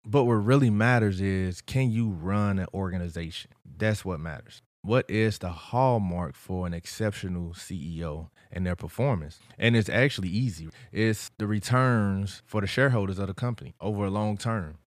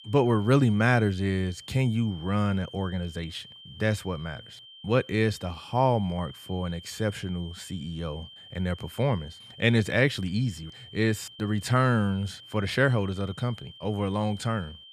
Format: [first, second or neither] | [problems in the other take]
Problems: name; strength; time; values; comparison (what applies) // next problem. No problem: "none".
first | high-pitched whine; noticeable; throughout; 3 kHz, 20 dB below the speech